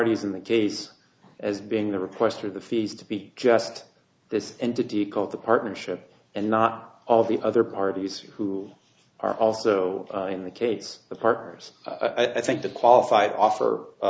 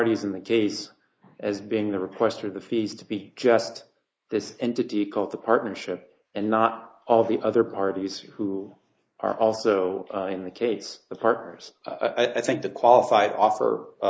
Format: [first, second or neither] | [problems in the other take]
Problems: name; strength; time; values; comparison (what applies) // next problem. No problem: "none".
first | noise reduction (neural mask model Resemble Enhance denoiser)